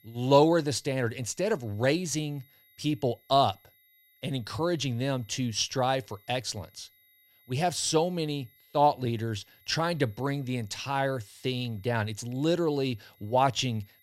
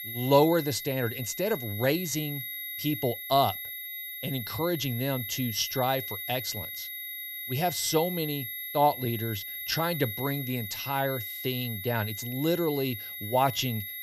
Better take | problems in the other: first | high-pitched whine; loud; throughout; 11.5 kHz, 6 dB below the speech; faint in the first

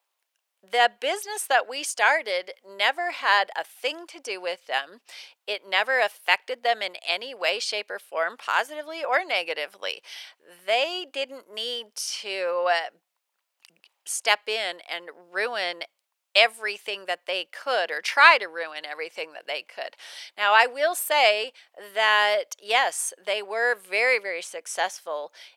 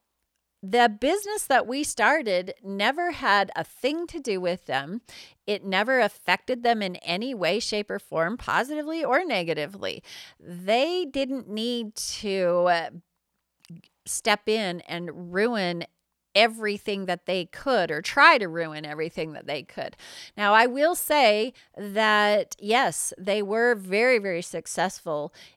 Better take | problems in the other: second | thin; very; fading below 550 Hz

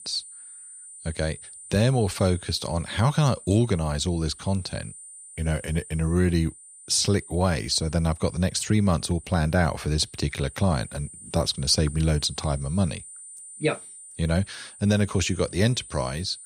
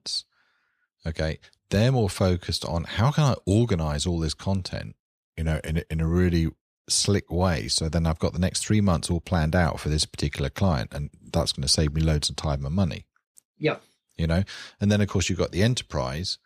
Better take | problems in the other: second | high-pitched whine; noticeable; throughout; 9 kHz, 15 dB below the speech

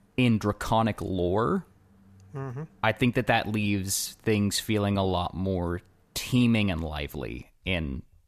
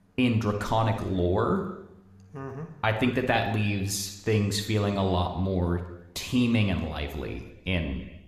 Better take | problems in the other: first | room echo; slight; dies away in 1 s

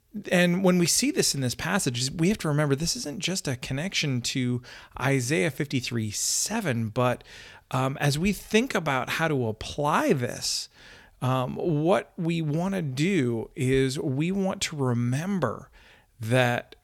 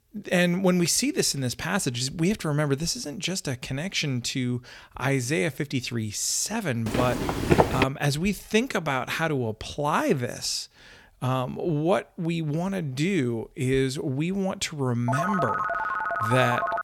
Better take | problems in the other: first | footsteps; loud; at 7 s; peak 5 dB above the speech // phone ringing; noticeable; from 15 s on; peak level with the speech

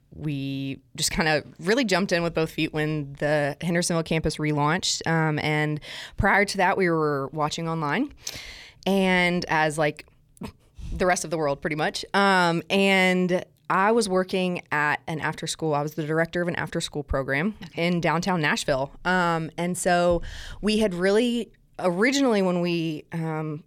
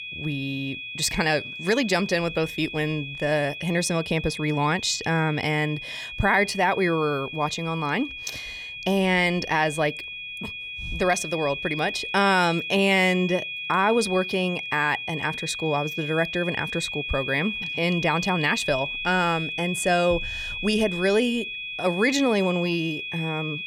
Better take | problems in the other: first | high-pitched whine; loud; throughout; 2.5 kHz, 7 dB below the speech

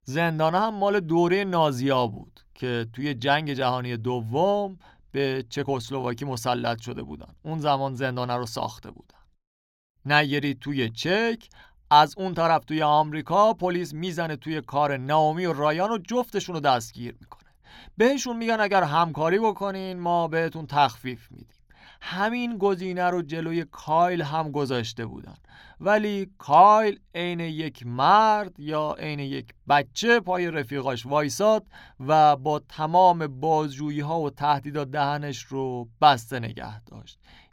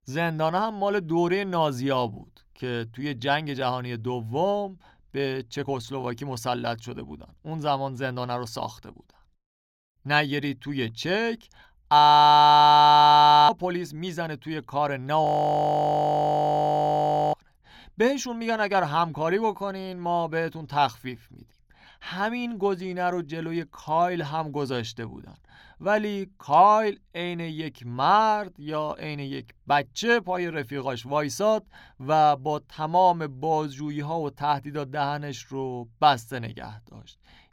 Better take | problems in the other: first | audio freezing; at 12 s for 1.5 s and at 15 s for 2 s

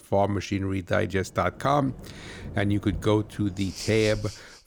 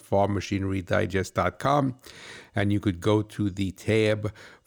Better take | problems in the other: second | rain or running water; noticeable; throughout; 15 dB below the speech

